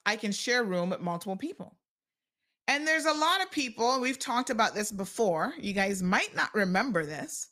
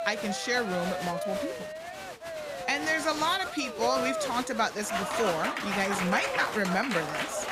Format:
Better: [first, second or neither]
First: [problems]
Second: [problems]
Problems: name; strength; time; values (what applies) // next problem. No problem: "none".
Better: first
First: none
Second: crowd noise; loud; throughout; 3 dB below the speech